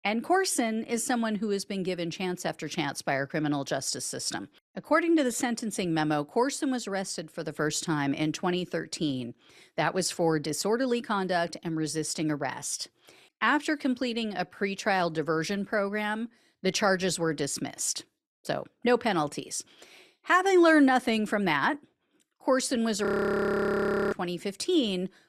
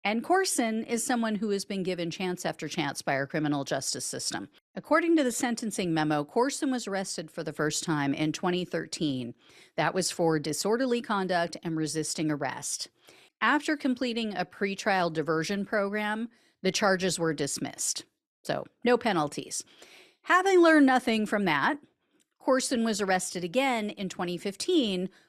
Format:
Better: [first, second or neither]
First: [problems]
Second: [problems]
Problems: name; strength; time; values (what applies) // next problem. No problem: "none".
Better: second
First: audio freezing; at 23 s for 1 s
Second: none